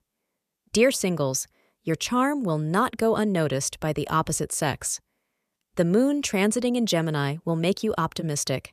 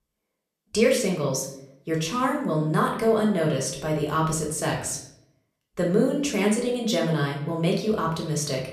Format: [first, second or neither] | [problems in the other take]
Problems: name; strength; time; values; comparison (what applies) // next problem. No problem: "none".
first | room echo; slight; dies away in 0.6 s // off-mic speech; far